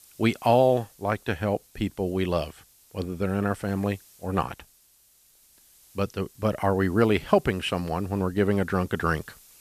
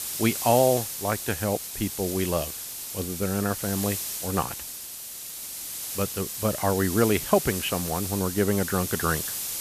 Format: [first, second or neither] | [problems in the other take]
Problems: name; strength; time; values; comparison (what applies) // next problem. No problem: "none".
first | hiss; loud; throughout; 4 dB below the speech; faint in the first